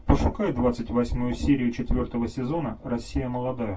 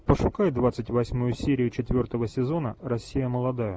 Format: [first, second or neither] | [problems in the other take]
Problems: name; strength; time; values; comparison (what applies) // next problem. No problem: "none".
second | room echo; dies away in 0.2 s